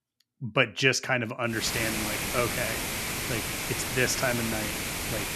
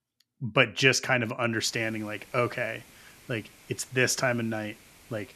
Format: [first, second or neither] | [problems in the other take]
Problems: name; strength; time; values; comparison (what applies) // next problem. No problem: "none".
second | hiss; loud; from 1.5 s on; 2 dB below the speech; faint in the second